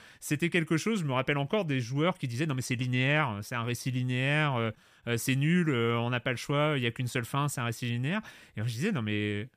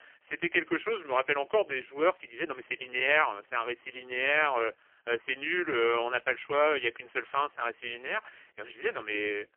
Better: first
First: none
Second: phone-call audio; poor line; nothing above 3 kHz

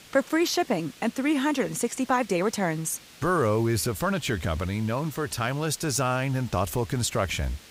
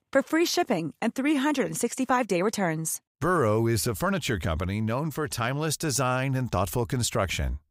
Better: second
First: hiss; faint; throughout; 20 dB below the speech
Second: none

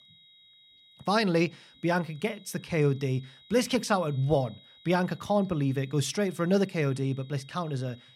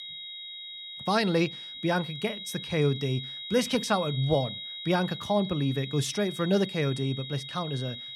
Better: first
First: high-pitched whine; faint; throughout; 4 kHz, 25 dB below the speech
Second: high-pitched whine; loud; throughout; 4 kHz, 9 dB below the speech

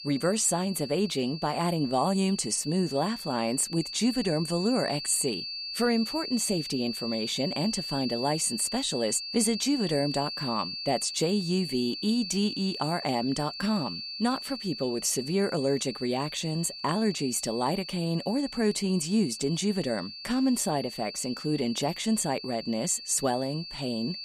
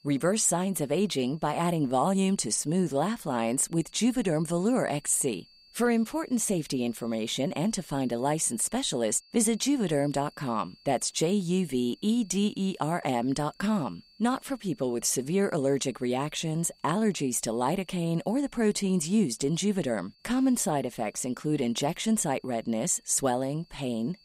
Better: second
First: high-pitched whine; loud; throughout; 4.5 kHz, 8 dB below the speech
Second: high-pitched whine; faint; throughout; 4.5 kHz, 30 dB below the speech

